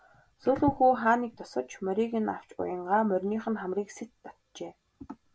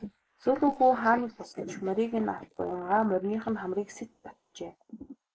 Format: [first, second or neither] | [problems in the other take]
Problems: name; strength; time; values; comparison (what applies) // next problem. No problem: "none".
first | noise reduction (neural mask model Resemble Enhance denoiser)